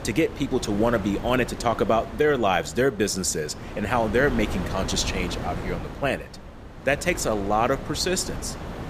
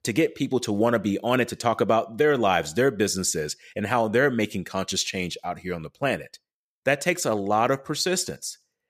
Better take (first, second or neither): second